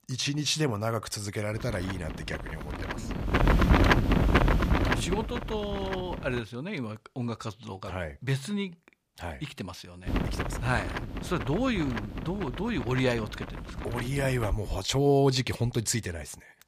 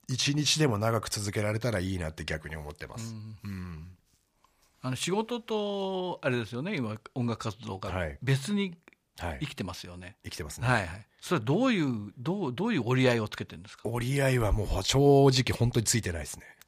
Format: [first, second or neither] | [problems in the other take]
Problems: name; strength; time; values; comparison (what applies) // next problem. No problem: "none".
second | wind noise on the microphone; heavy; from 1.5 to 6.5 s and from 10 to 15 s; 1 dB above the speech